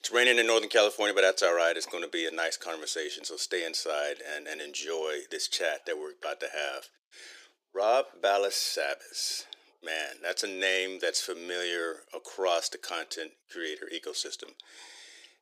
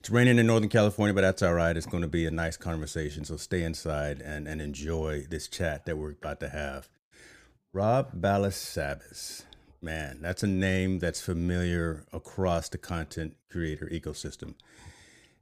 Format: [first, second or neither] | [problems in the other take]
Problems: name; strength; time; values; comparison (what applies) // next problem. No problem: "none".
second | thin; very; fading below 350 Hz